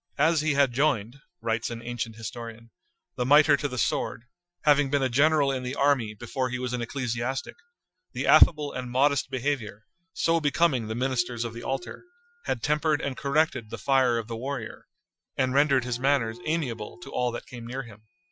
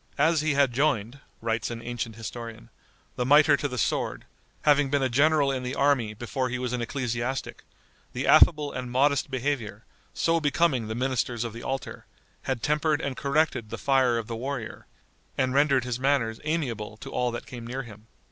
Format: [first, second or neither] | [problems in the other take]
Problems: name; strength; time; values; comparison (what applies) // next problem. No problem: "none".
second | noise reduction (classical method Wiener filter)